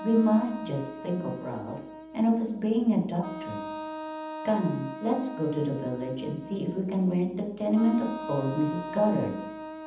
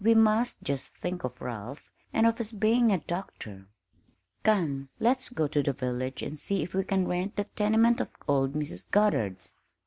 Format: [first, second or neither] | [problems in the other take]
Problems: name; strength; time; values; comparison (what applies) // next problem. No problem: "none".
second | background sound (Wind instrument, woodwind instrument); 11 dB below the speech // room echo; dies away in 0.8 s